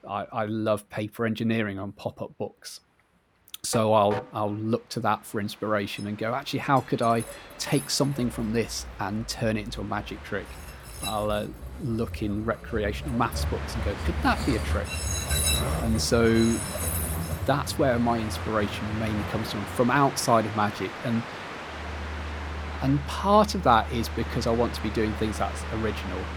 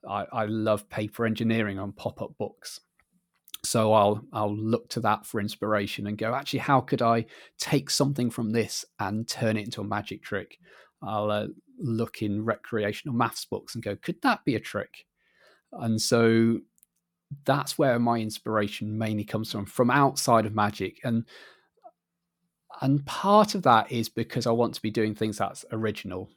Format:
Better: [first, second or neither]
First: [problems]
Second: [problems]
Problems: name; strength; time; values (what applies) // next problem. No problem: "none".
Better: second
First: train or aircraft noise; loud; throughout; 6 dB below the speech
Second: none